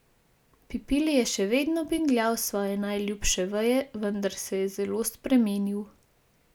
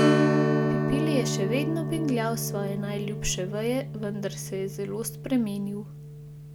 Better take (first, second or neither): first